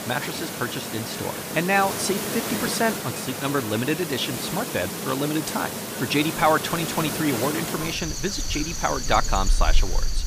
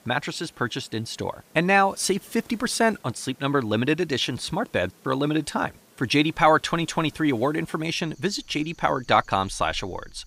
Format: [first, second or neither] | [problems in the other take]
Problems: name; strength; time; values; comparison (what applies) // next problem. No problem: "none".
second | animal sounds; loud; throughout; 3 dB below the speech; faint in the second